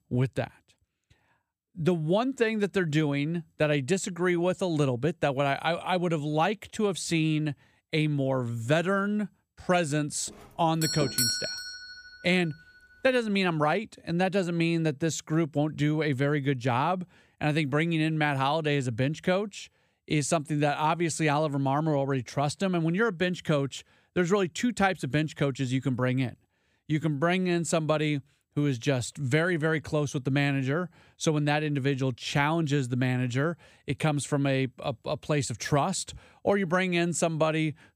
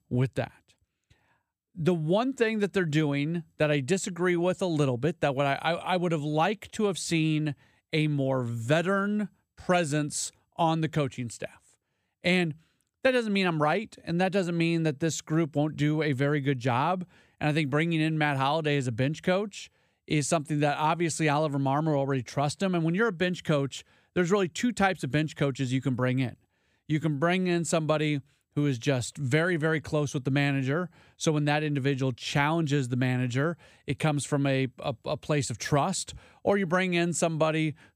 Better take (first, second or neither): second